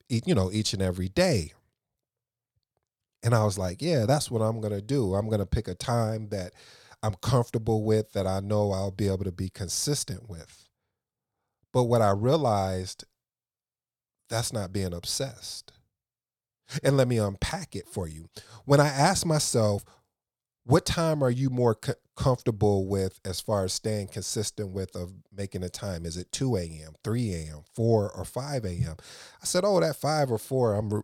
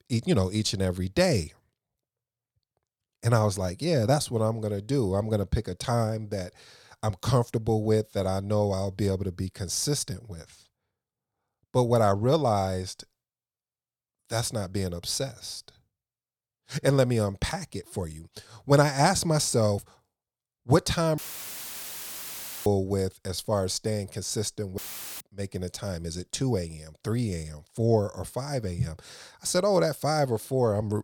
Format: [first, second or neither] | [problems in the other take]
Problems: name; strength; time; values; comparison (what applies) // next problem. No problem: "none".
first | audio cutting out; filled with static; at 21 s for 1.5 s and at 25 s